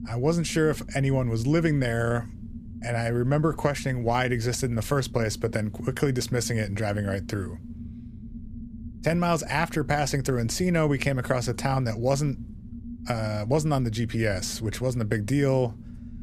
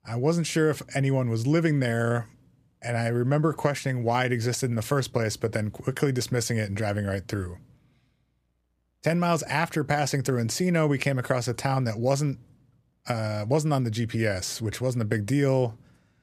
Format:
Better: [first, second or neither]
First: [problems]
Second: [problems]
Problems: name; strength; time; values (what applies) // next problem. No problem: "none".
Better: second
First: low rumble; noticeable; throughout; 20 dB below the speech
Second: none